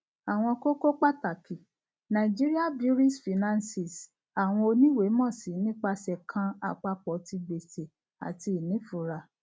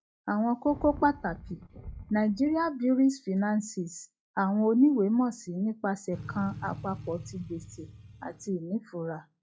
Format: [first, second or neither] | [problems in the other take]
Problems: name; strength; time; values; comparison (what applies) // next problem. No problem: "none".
first | noise reduction (classical method log-MMSE)